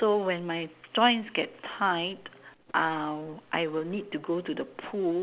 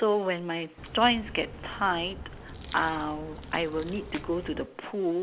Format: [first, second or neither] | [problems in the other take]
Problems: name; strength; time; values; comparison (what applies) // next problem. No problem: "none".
first | background sound (Crack); 13 dB below the speech